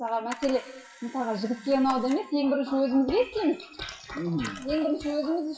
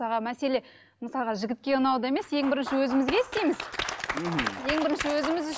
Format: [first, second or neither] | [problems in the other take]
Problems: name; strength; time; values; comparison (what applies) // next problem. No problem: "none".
second | noise reduction (classical method WPE with log-MMSE)